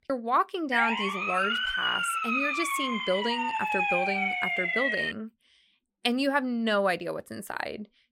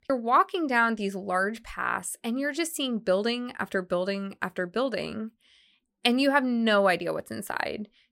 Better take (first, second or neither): second